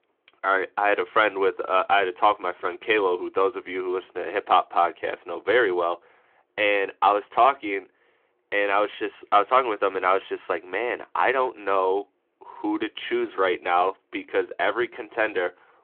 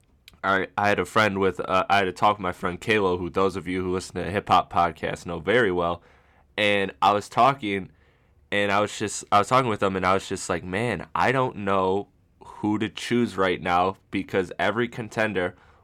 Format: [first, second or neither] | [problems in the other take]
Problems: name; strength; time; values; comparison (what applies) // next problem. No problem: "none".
second | phone-call audio